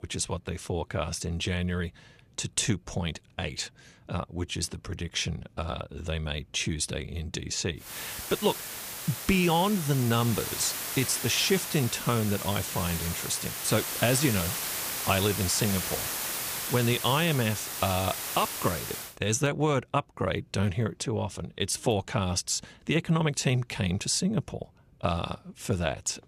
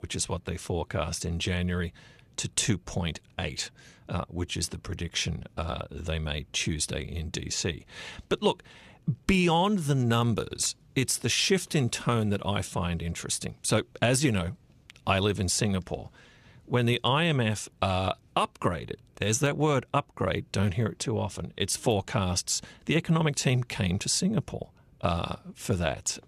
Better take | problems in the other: second | hiss; loud; from 8 to 19 s; 3 dB below the speech

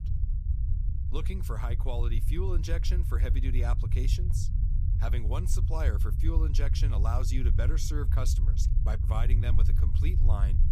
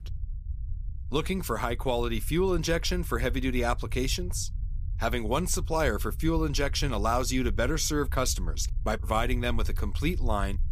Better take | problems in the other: second | low rumble; loud; throughout; 6 dB below the speech; faint in the second

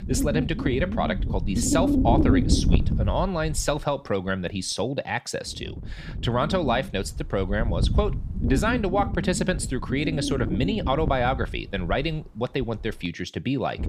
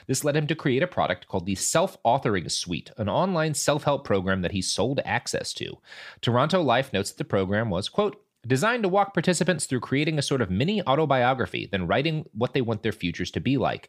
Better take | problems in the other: second | wind noise on the microphone; heavy; 6 dB below the speech

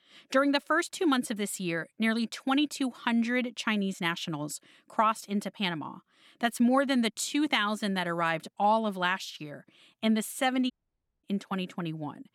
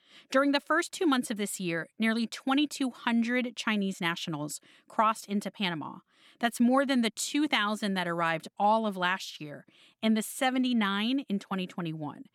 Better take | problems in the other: second | audio cutting out; at 11 s for 0.5 s

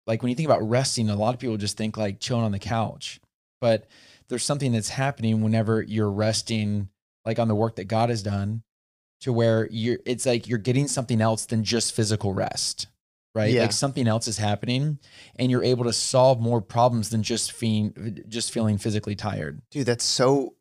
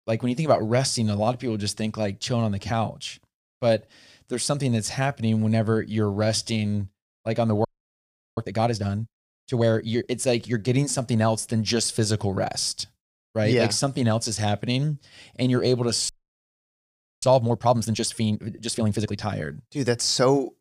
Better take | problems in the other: first | audio freezing; at 7.5 s for 0.5 s and at 16 s for 1 s

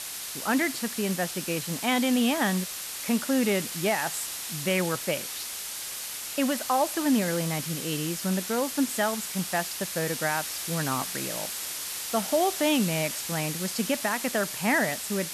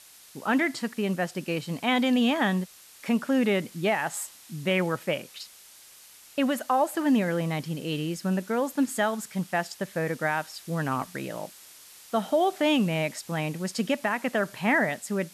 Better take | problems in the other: second | hiss; loud; throughout; 4 dB below the speech; faint in the second

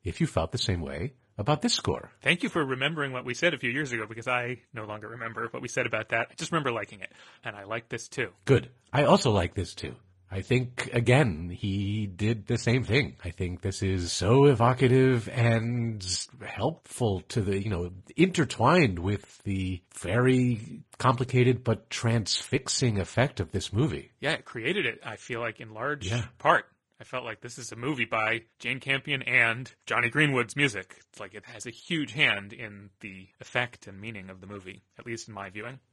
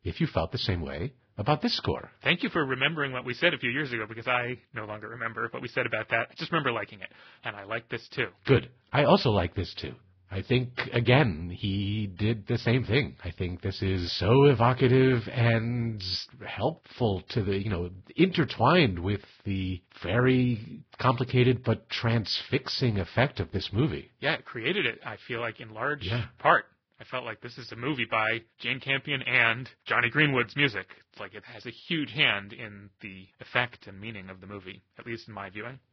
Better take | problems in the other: first | garbled, watery; badly; nothing above 5 kHz; slightly in the first

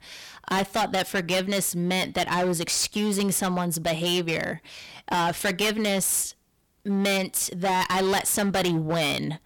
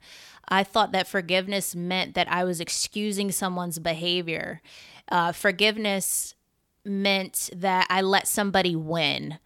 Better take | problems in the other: second | distortion; heavy; 18% of the sound clipped

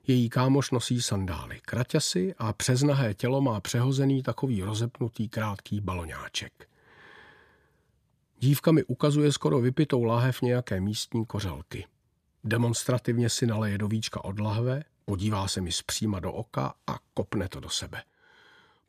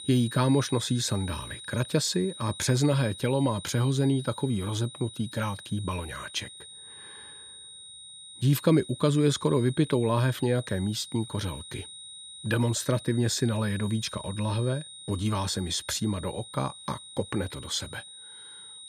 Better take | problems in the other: first | high-pitched whine; noticeable; throughout; 4 kHz, 15 dB below the speech

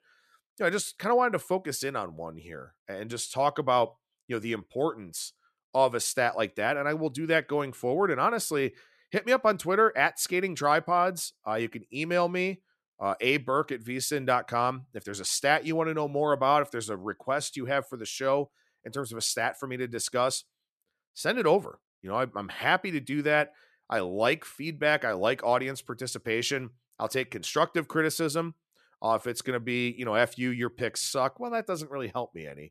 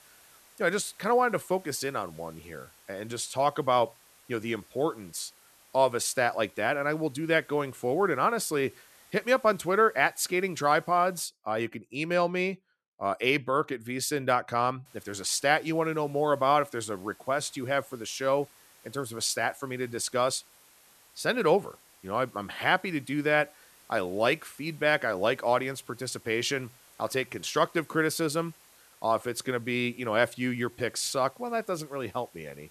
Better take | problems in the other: first | hiss; faint; until 11 s and from 15 s on; 25 dB below the speech

